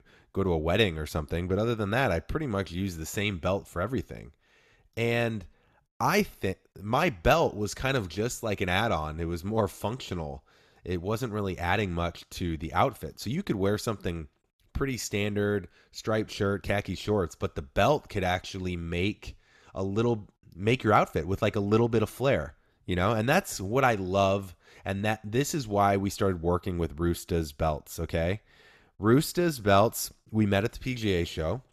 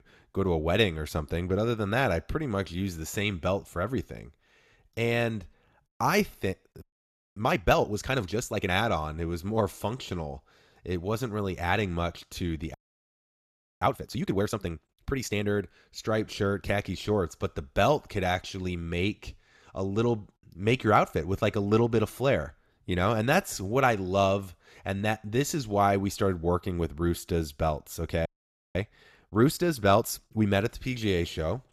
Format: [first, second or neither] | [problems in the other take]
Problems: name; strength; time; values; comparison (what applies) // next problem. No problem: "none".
first | audio freezing; at 7 s for 0.5 s, at 13 s for 1 s and at 28 s